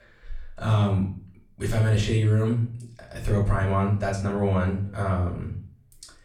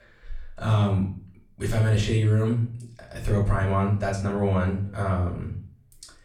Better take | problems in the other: neither | off-mic speech; far; the same in both // room echo; slight; dies away in 0.4 s; the same in both

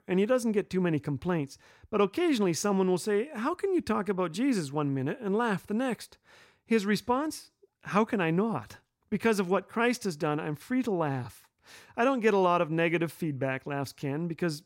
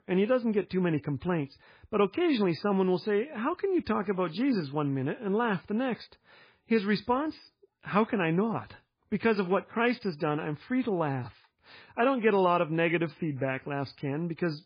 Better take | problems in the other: first | garbled, watery; badly

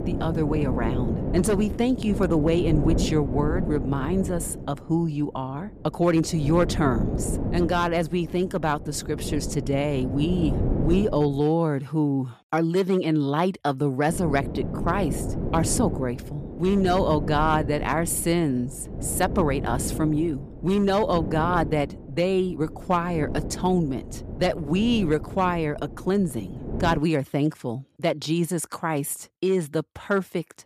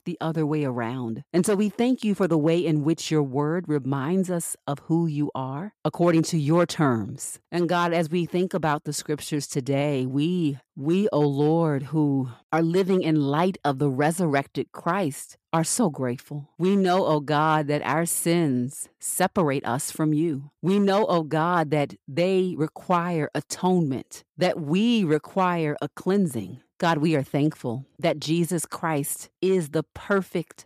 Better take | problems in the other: second | wind noise on the microphone; occasional gusts; until 11 s and from 14 to 27 s; 10 dB below the speech

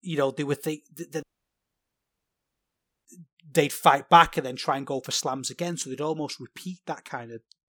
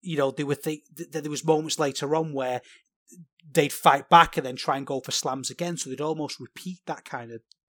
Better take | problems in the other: second | audio cutting out; at 1 s for 2 s

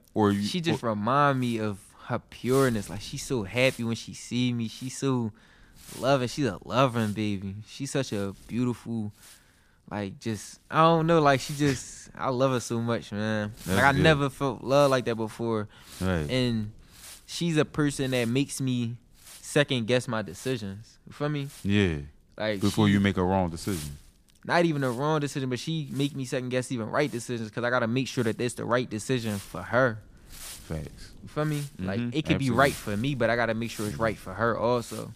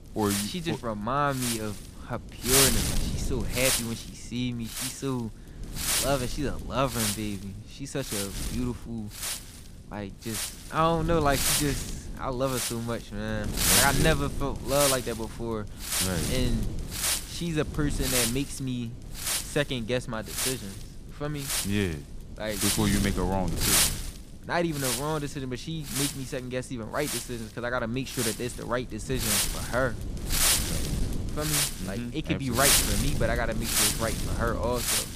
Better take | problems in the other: first | wind noise on the microphone; heavy; 2 dB above the speech; occasional gusts in the first

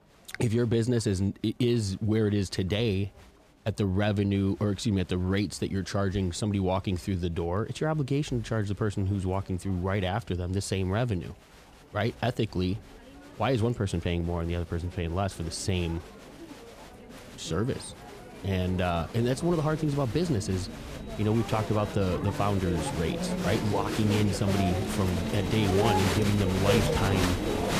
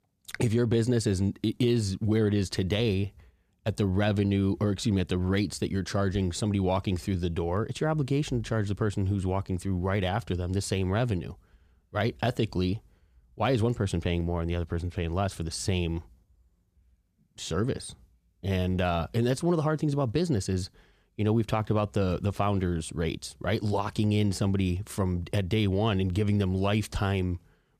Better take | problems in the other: second | crowd noise; loud; throughout; 4 dB below the speech

